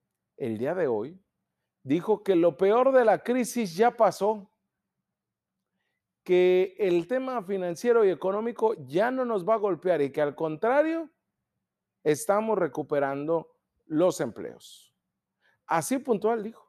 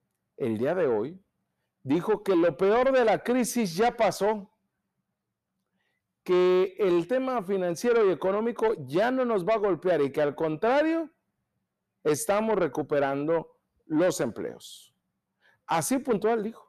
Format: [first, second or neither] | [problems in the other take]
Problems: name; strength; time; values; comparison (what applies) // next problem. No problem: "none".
first | distortion; slight; 10 dB below the speech